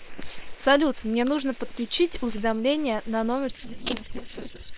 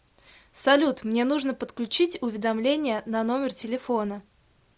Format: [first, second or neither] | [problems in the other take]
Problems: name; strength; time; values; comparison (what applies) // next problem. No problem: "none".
second | noise reduction (neural separator model SepFormer WHAM!)